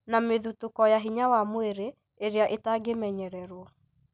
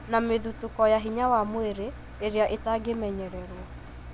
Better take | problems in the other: first | background sound (Engine); 13 dB below the speech

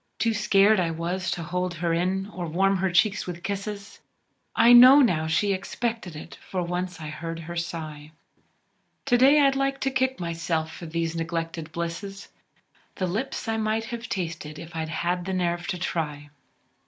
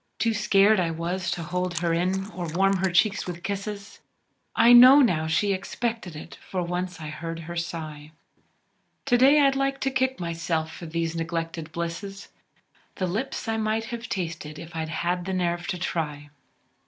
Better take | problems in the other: first | background sound (Chewing, mastication); 17 dB below the speech

